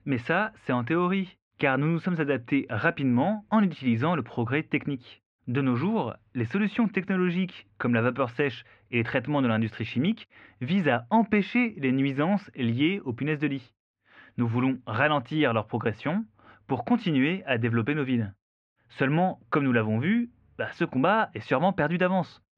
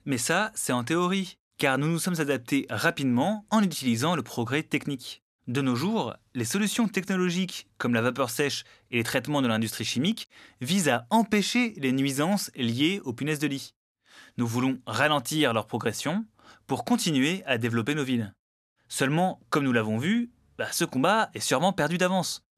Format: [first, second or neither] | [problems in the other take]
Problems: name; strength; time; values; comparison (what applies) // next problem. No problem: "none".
second | muffled; very; fading above 2.5 kHz